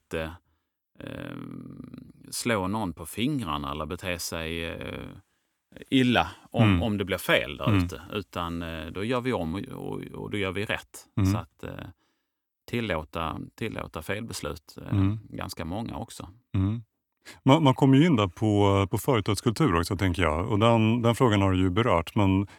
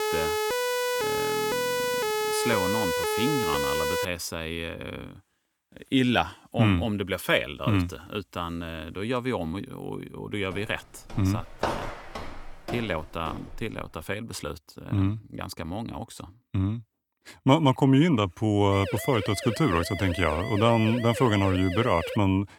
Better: first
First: none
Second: siren; loud; until 4 s; peak level with the speech // footsteps; noticeable; from 11 to 14 s; peak 4 dB below the speech // siren; noticeable; from 19 s on; peak 7 dB below the speech

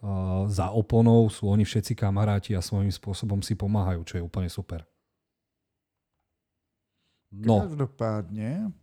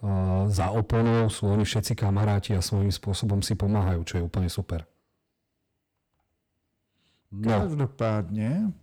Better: first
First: none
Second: distortion; heavy; 6 dB below the speech

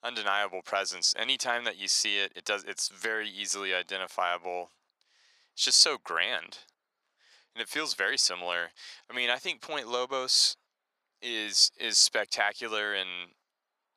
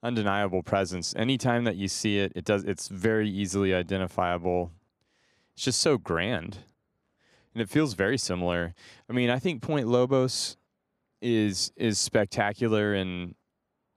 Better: second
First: thin; very; fading below 900 Hz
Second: none

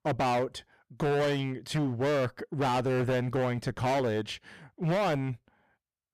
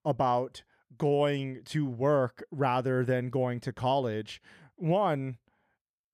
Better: second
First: distortion; heavy; 20% of the sound clipped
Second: none

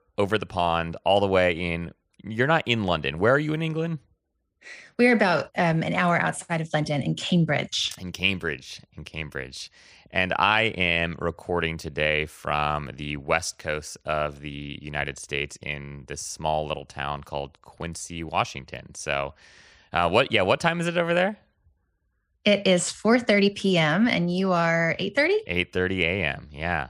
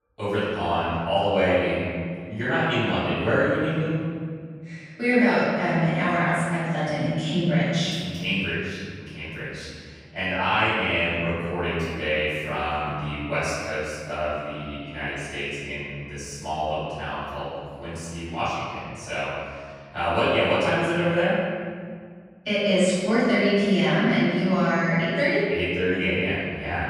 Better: first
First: none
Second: off-mic speech; far // room echo; strong; dies away in 1.9 s

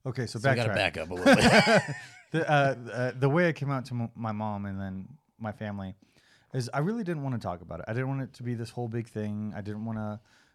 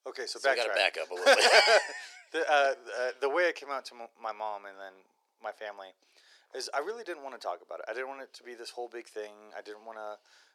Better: first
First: none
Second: thin; very; fading below 400 Hz

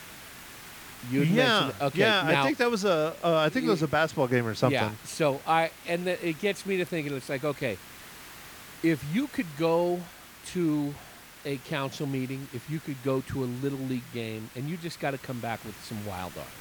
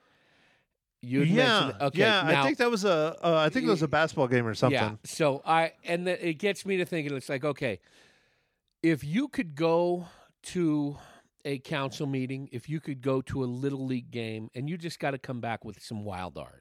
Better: second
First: hiss; noticeable; throughout; 15 dB below the speech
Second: none

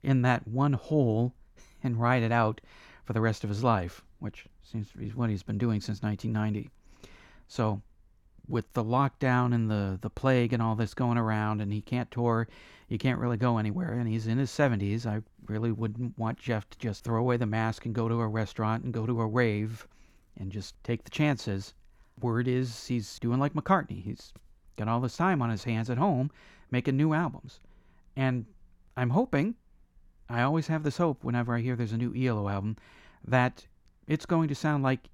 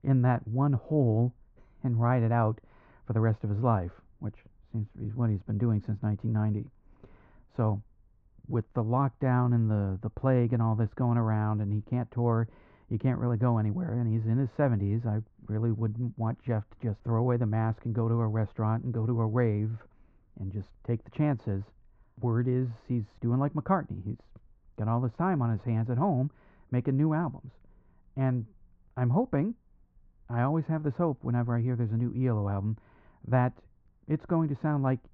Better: first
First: none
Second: muffled; very; fading above 1 kHz

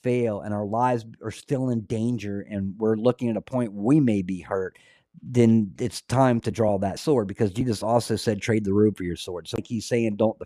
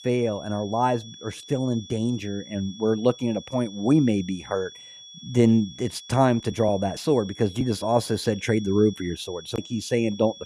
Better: first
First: none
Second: high-pitched whine; noticeable; throughout; 3.5 kHz, 15 dB below the speech

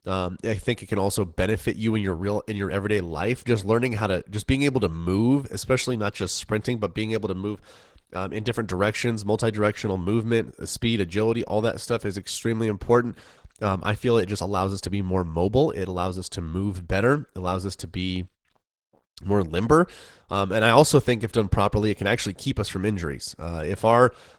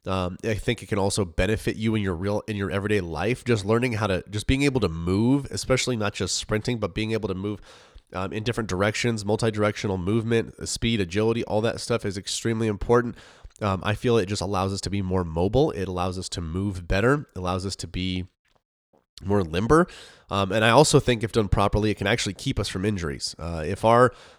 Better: second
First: garbled, watery; slightly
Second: none

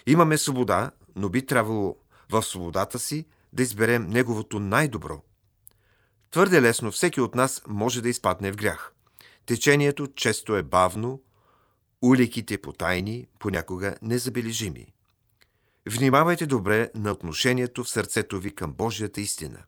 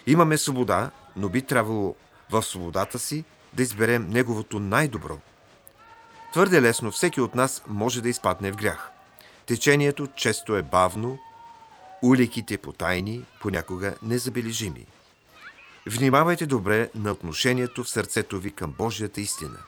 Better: first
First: none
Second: crowd noise; faint; throughout; 25 dB below the speech

